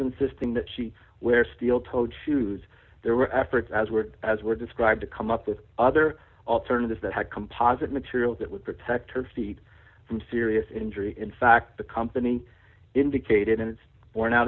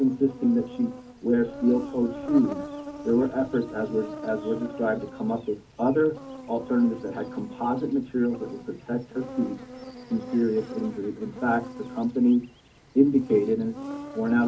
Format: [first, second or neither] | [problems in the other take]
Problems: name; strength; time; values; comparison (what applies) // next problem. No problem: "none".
first | background sound (Insect); 13 dB below the speech // room echo; dies away in 0.3 s